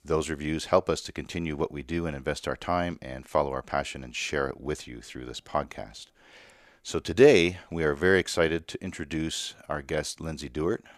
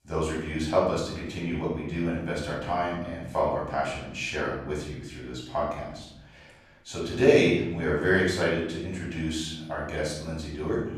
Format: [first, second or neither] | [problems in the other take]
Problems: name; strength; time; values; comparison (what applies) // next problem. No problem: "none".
first | off-mic speech; far // room echo; noticeable; dies away in 1.2 s